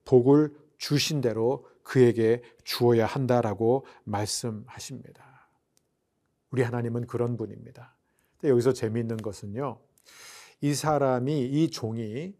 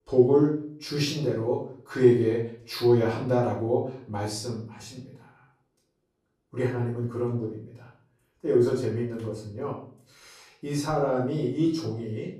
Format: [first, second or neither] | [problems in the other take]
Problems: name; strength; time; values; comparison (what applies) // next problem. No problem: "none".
first | off-mic speech; far // room echo; noticeable; dies away in 0.5 s